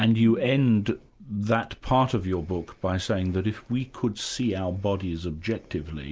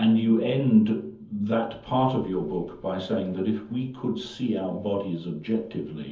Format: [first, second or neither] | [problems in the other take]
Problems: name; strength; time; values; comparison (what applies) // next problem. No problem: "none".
first | room echo; dies away in 0.7 s